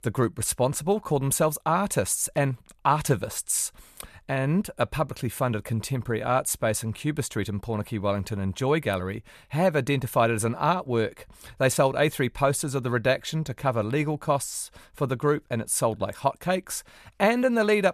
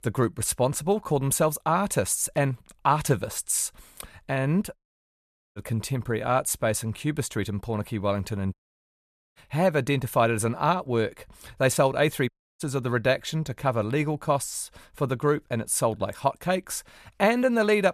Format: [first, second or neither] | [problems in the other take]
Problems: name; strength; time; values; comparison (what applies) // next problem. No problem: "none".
first | audio cutting out; at 5 s for 1 s, at 8.5 s for 1 s and at 12 s